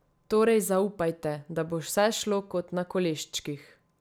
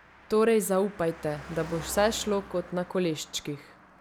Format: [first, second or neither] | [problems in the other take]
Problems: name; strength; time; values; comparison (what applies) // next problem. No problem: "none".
first | background sound (Car passing by); 17 dB below the speech